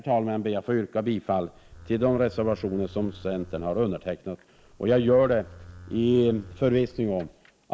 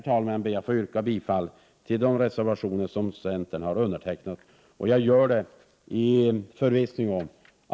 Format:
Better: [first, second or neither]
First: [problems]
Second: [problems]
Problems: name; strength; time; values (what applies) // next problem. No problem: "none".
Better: second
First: background sound (Livestock, farm animals, working animals); 20 dB below the speech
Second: none